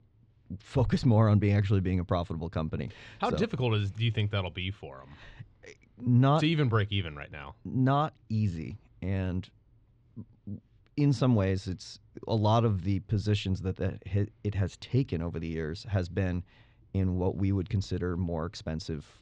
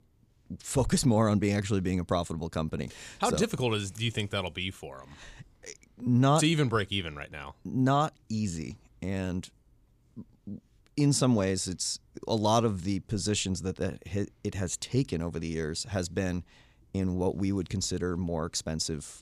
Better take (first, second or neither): second